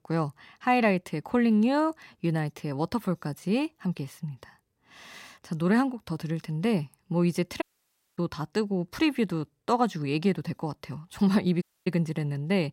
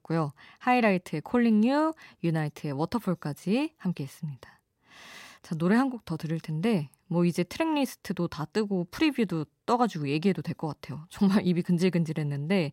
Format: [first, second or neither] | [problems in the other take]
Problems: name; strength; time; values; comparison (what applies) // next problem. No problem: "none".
second | audio cutting out; at 7.5 s for 0.5 s and at 12 s